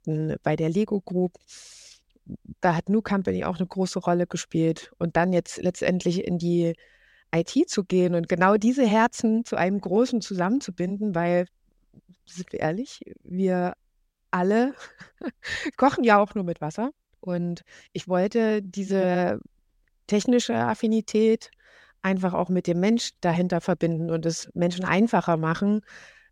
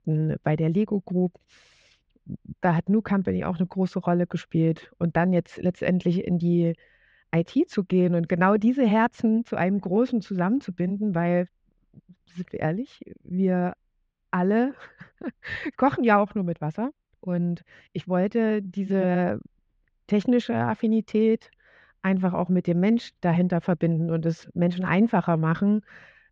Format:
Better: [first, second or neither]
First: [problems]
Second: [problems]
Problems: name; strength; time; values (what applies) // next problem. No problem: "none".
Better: first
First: none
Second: muffled; slightly; fading above 2.5 kHz